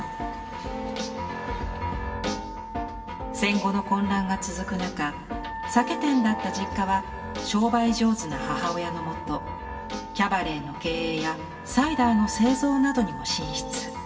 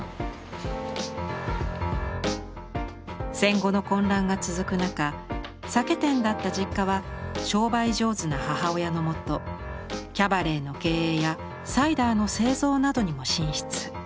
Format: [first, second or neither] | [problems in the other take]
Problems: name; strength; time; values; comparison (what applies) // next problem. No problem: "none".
second | background sound (Wind instrument, woodwind instrument); 12 dB below the speech // room echo; dies away in 1.5 s